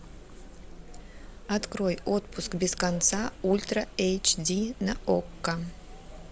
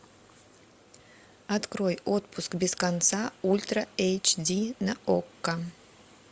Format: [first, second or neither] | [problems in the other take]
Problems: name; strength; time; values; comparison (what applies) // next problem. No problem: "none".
second | background sound (Chatter); 13 dB below the speech